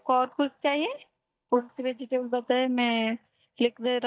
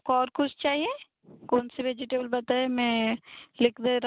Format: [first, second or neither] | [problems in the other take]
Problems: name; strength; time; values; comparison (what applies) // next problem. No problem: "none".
second | noise reduction (neural mask model DeepFilterNet 3)